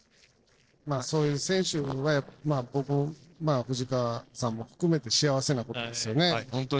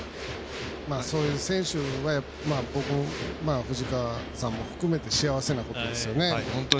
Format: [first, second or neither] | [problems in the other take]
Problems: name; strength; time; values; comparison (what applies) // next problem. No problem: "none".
second | noise reduction (neural separator model SepFormer DNS4)